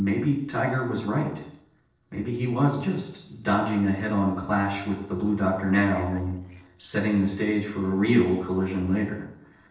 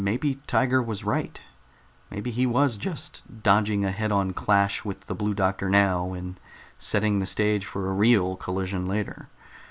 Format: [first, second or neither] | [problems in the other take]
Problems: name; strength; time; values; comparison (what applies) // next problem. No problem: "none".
second | noise reduction (neural separator model SepFormer DNS4)